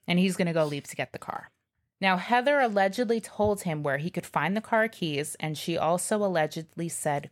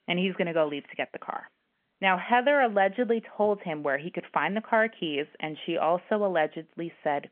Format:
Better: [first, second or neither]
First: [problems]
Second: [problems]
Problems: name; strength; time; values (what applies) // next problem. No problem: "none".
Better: first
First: none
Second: phone-call audio; nothing above 3 kHz